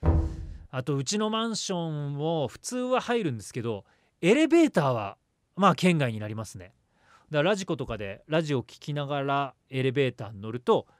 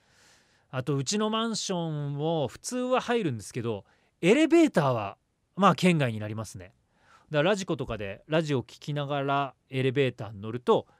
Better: second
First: door banging; loud; at the start; peak 1 dB above the speech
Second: none

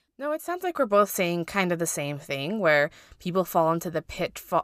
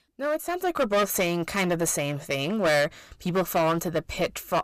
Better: first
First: none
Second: distortion; heavy; 13% of the sound clipped

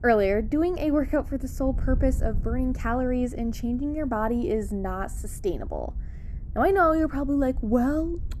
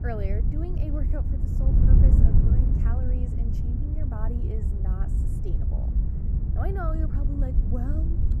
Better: first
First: wind noise on the microphone; occasional gusts; 25 dB below the speech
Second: wind noise on the microphone; heavy; as loud as the speech

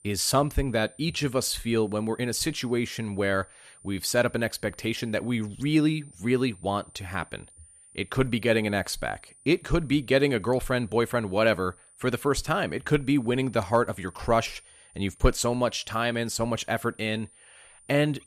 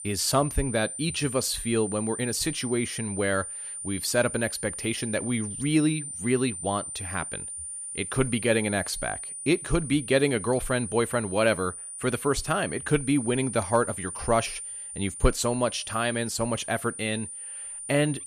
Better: first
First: high-pitched whine; faint; throughout; 9 kHz, 25 dB below the speech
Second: high-pitched whine; loud; throughout; 9 kHz, 7 dB below the speech

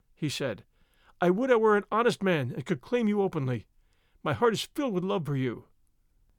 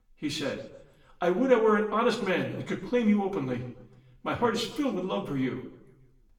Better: first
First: none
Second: room echo; slight; dies away in 0.7 s // off-mic speech; far

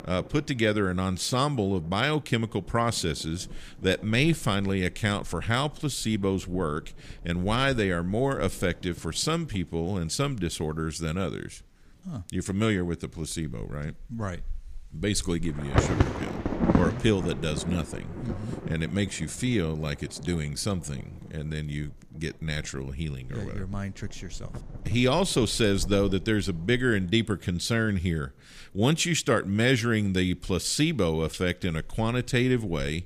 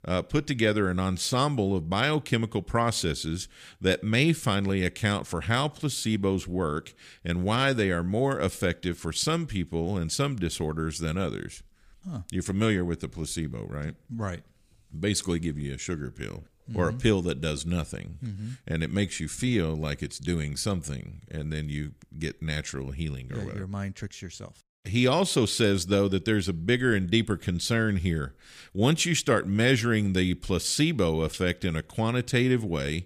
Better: second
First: wind noise on the microphone; heavy; 8 dB below the speech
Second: none

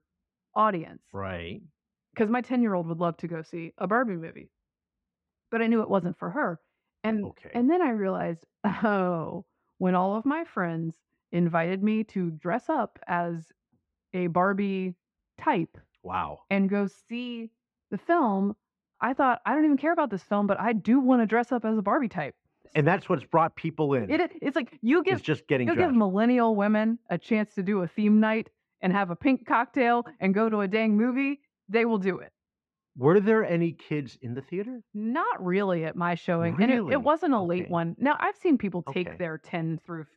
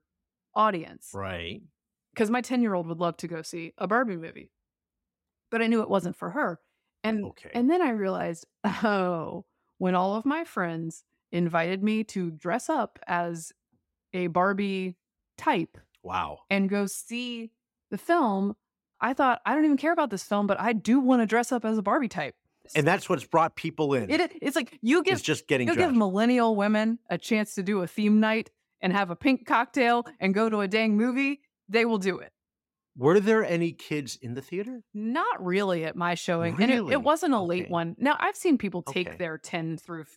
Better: second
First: muffled; slightly; fading above 2.5 kHz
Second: none

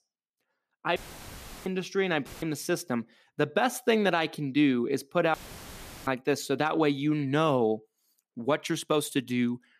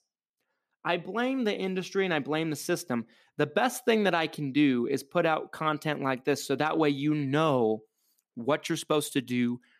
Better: second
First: audio cutting out; filled with static; at 1 s for 0.5 s, at 2.5 s and at 5.5 s for 0.5 s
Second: none

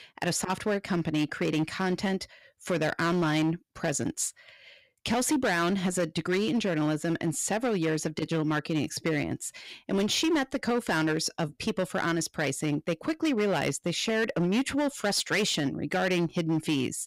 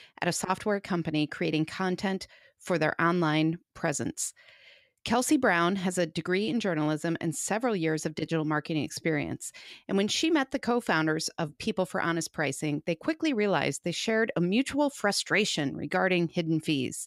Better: second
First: distortion; slight; 10% of the sound clipped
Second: none

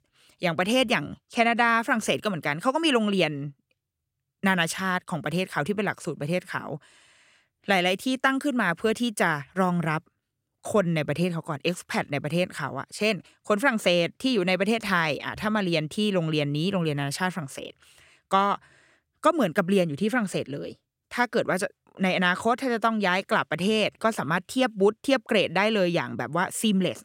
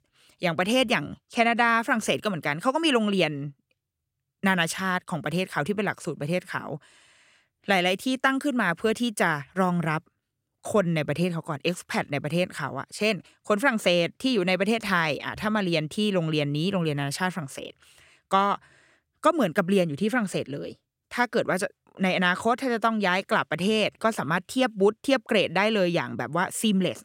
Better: neither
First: none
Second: none

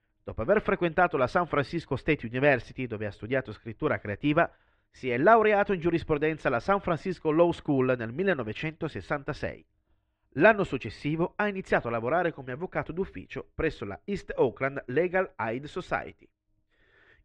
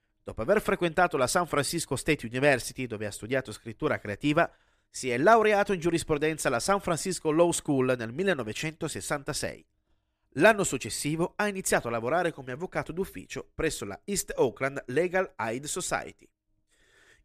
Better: second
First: muffled; very; fading above 3 kHz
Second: none

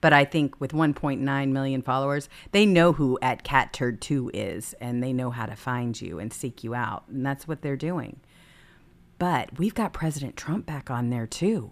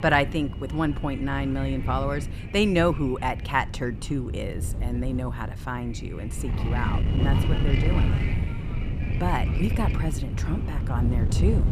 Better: first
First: none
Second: wind noise on the microphone; heavy; 9 dB below the speech

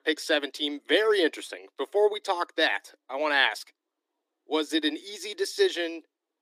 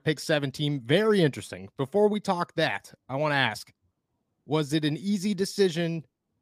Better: second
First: thin; somewhat; fading below 300 Hz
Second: none

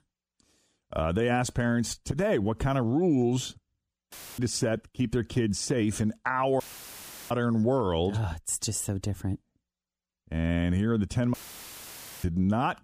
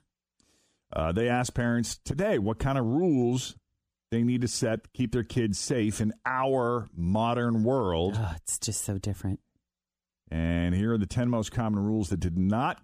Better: second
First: audio cutting out; filled with static; at 4 s, at 6.5 s for 0.5 s and at 11 s for 1 s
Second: none

